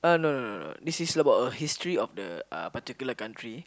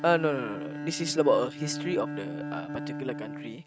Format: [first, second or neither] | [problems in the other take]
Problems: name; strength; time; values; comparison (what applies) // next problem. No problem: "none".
first | noise reduction (neural mask model RNNoise)